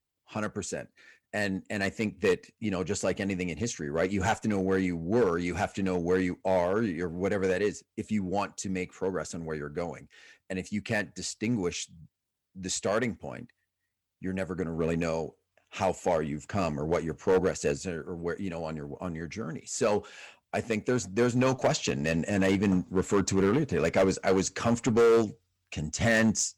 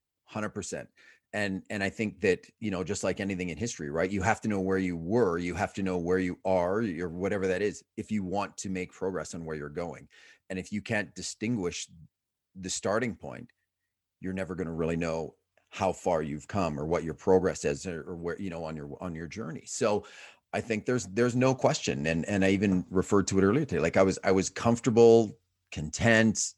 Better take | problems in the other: second | distortion; slight; 2% of the sound clipped

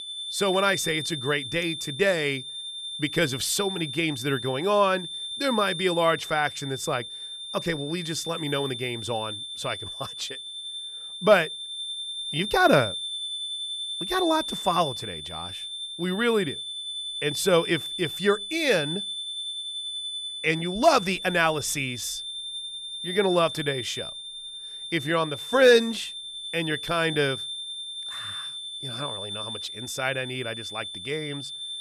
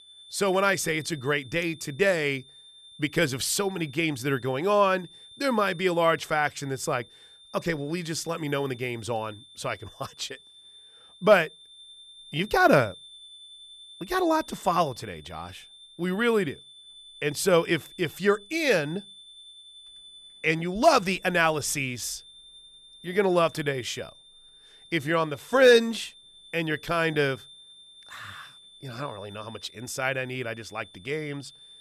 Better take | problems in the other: second | high-pitched whine; loud; throughout; 3.5 kHz, 7 dB below the speech; faint in the second

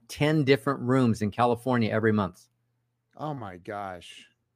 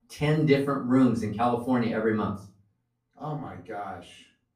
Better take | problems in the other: first | off-mic speech; far // room echo; slight; dies away in 0.3 s

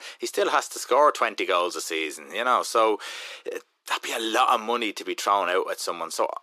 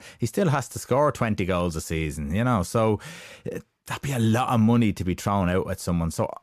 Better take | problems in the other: second | thin; very; fading below 350 Hz

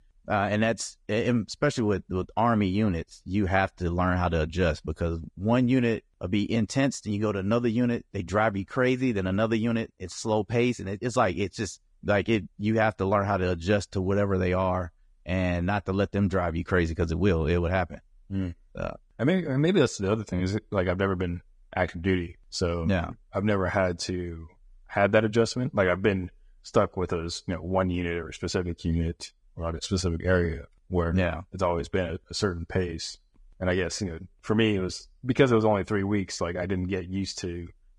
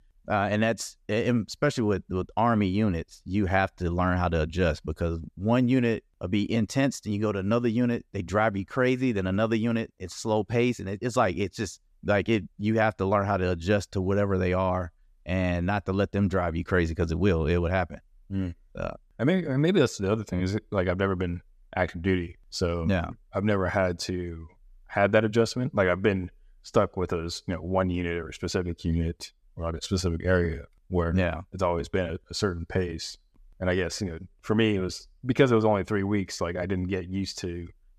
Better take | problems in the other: second | garbled, watery; slightly

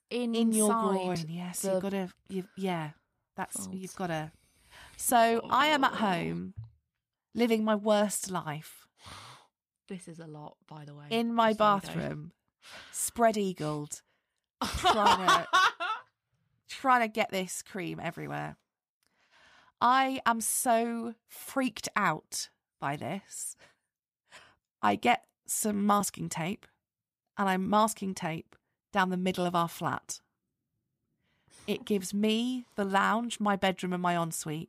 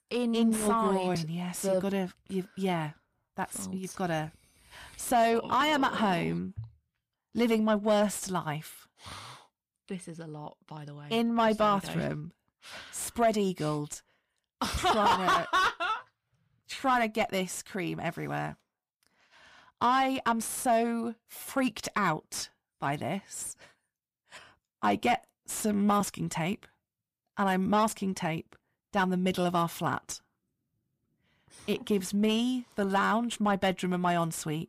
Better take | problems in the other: first | distortion; slight; 10 dB below the speech

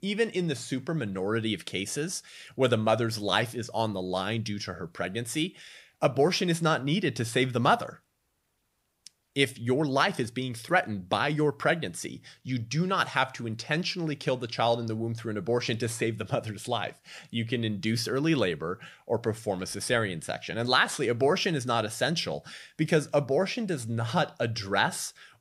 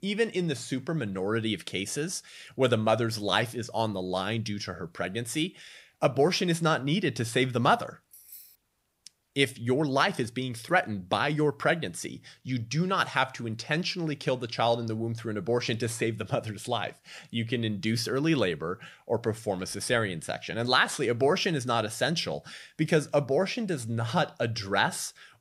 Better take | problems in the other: first | jangling keys; faint; at 8 s; peak 20 dB below the speech

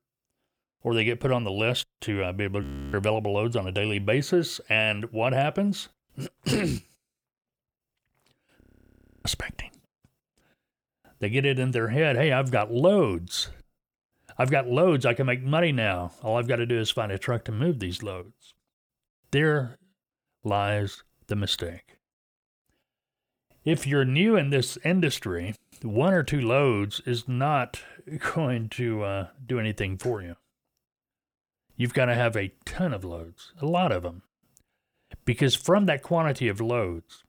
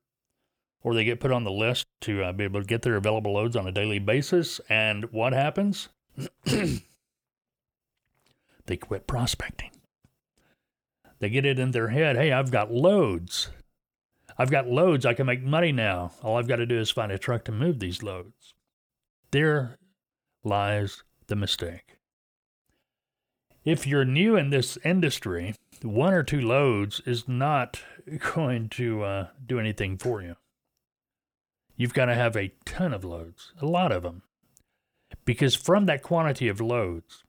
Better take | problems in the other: second | audio freezing; at 2.5 s and at 8.5 s for 0.5 s

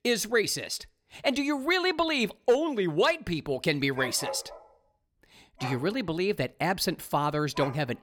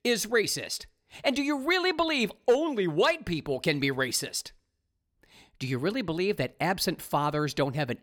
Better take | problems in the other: second | dog barking; noticeable; from 4 s on; peak 9 dB below the speech

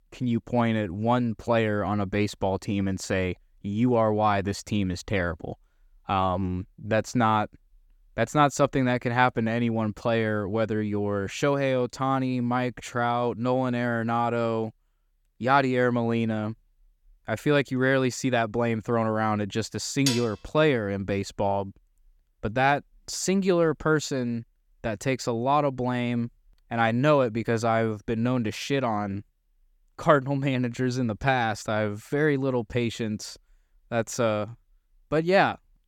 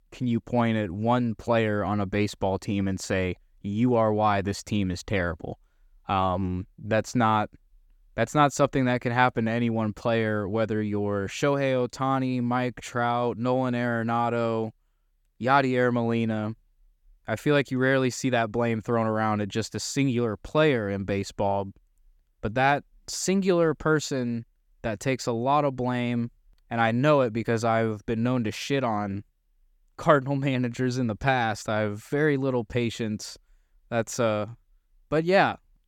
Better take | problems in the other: second | clattering dishes; noticeable; at 20 s; peak 3 dB below the speech

